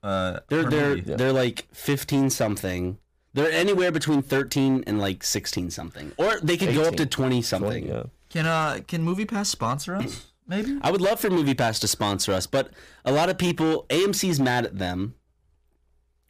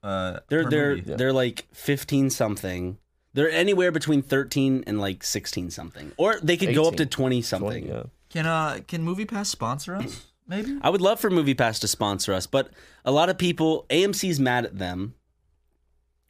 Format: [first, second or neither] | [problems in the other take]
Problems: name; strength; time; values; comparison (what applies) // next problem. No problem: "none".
second | distortion; slight; 10% of the sound clipped